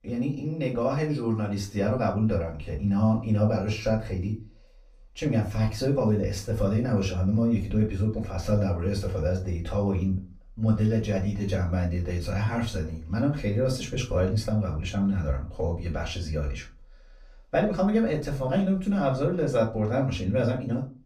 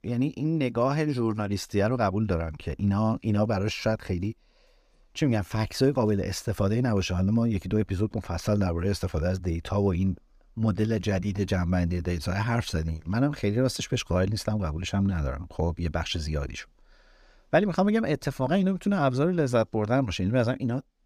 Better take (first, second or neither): second